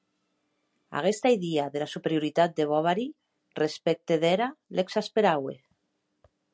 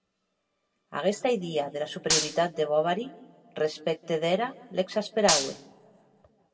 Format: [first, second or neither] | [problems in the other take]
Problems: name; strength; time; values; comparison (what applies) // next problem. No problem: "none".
first | background sound (Gunshot, gunfire); 2 dB below the speech // room echo; dies away in 0.9 s